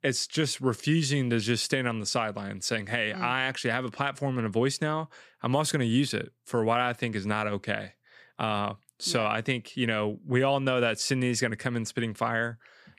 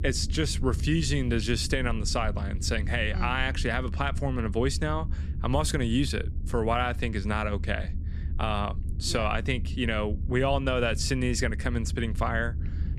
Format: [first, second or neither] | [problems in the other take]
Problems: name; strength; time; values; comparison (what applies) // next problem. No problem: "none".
first | low rumble; noticeable; throughout; 20 dB below the speech